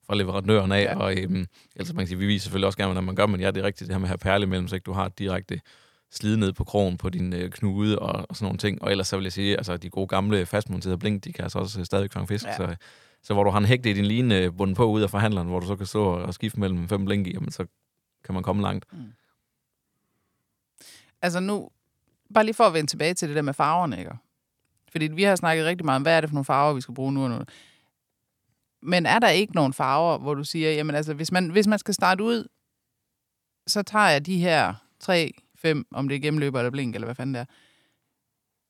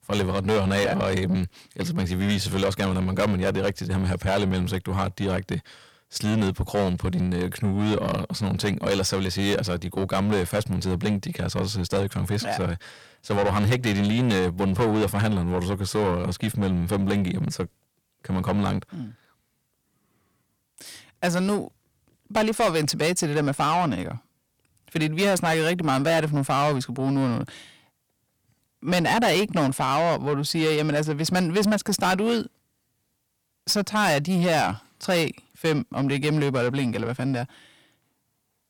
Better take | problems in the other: first | distortion; heavy; 7 dB below the speech

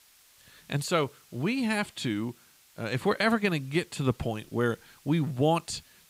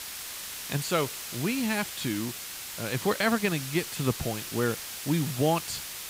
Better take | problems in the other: first | hiss; loud; throughout; 6 dB below the speech; faint in the first

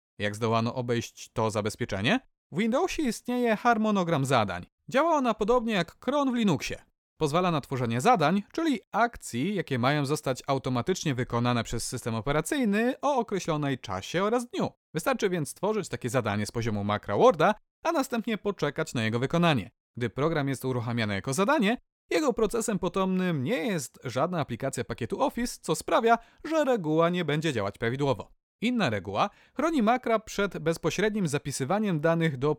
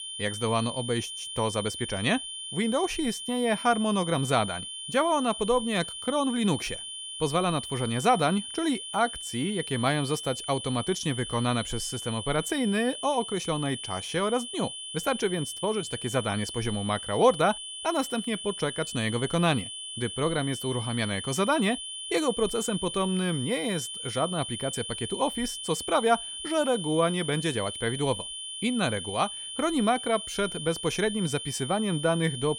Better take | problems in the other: first | high-pitched whine; loud; throughout; 3 kHz, 7 dB below the speech

